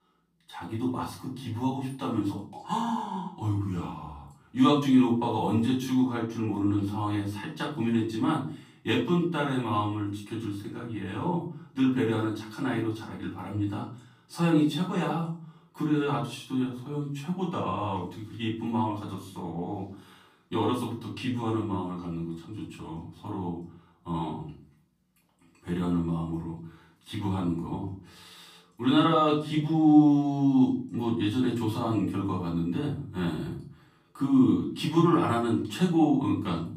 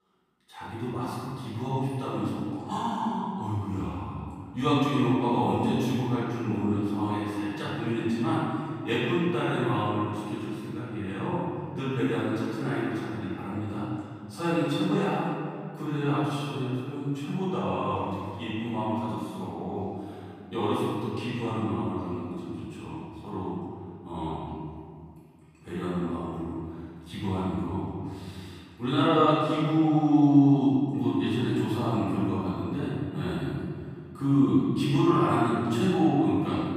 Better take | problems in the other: first | room echo; strong; dies away in 2.2 s; slight in the first // off-mic speech; far; far in the first

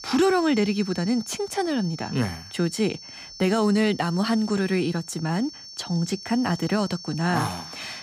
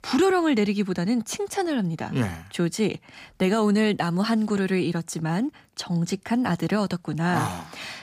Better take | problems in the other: second | high-pitched whine; noticeable; throughout; 5.5 kHz, 15 dB below the speech

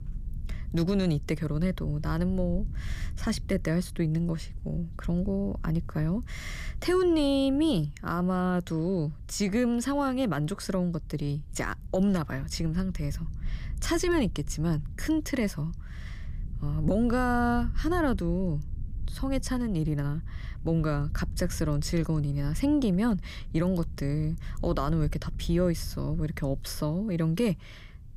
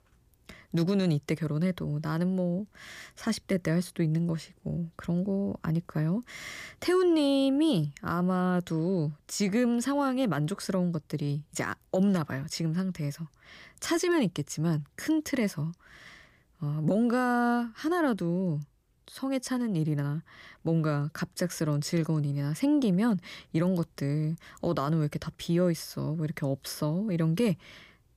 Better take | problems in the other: second | low rumble; faint; throughout; 25 dB below the speech

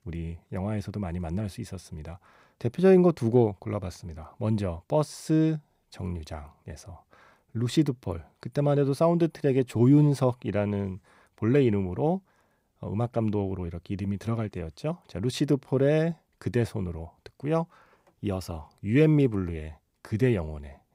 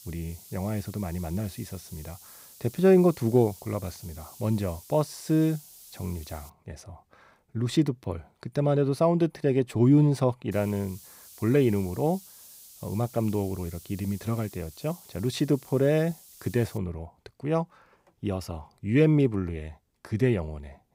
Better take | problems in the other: first | hiss; faint; until 6.5 s and from 11 to 17 s; 20 dB below the speech

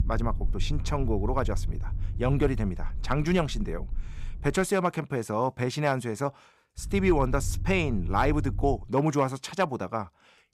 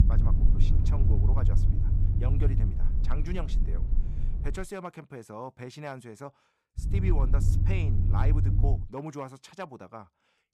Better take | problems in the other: first | low rumble; loud; until 4.5 s and from 7 to 9 s; 3 dB below the speech; faint in the first

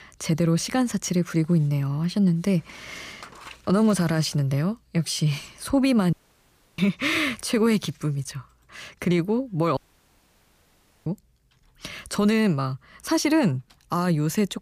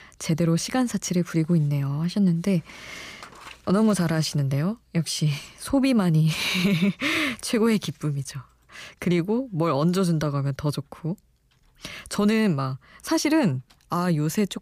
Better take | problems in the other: second | audio cutting out; at 6 s for 0.5 s and at 10 s for 1.5 s

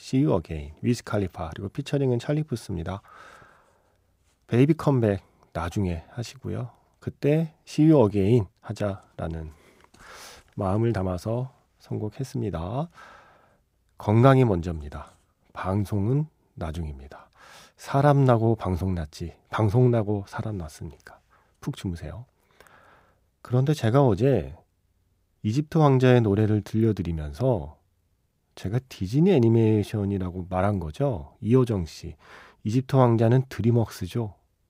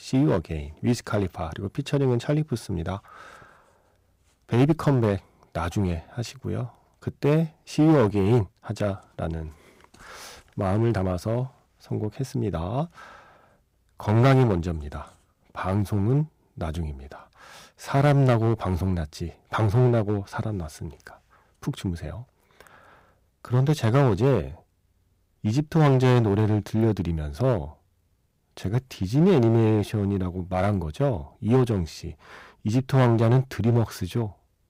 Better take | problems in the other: first | distortion; slight; 4% of the sound clipped

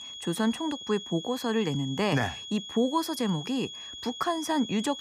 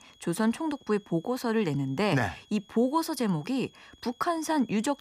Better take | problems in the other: second | high-pitched whine; loud; throughout; 3.5 kHz, 9 dB below the speech; faint in the second

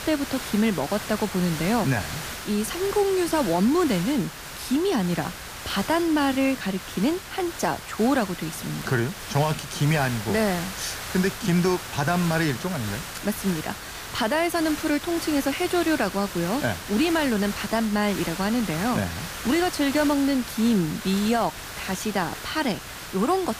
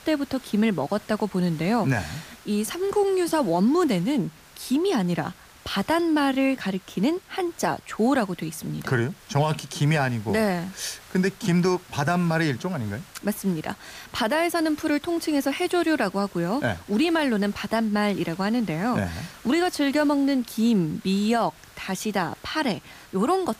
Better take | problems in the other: second | hiss; loud; throughout; 9 dB below the speech; faint in the second

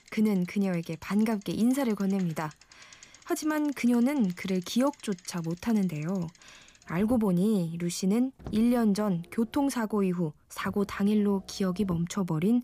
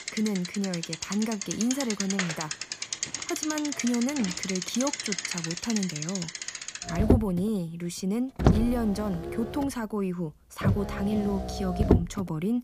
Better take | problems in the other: first | traffic noise; loud; throughout; as loud as the speech; faint in the first

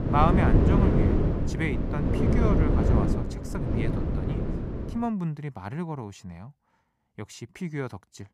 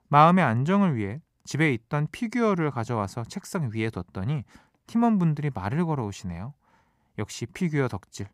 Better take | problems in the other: second | wind noise on the microphone; heavy; until 5 s; 1 dB above the speech

